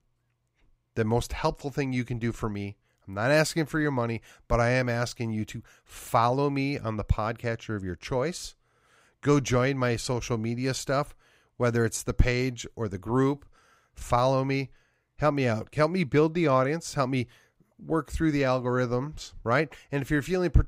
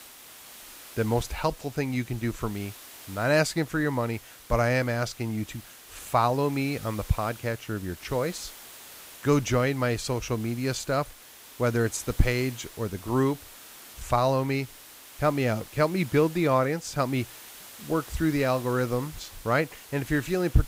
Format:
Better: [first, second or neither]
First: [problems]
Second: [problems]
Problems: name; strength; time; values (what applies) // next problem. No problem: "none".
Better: first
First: none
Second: hiss; noticeable; throughout; 15 dB below the speech